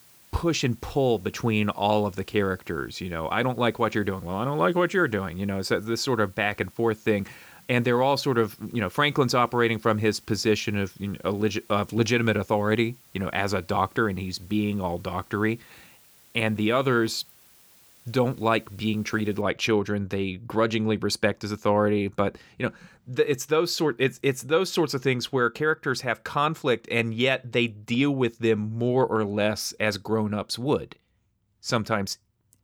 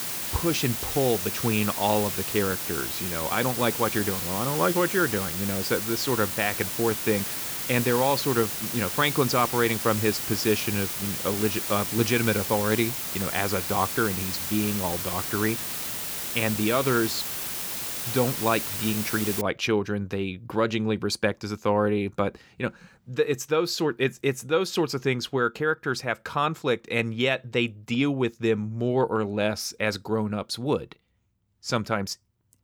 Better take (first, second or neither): first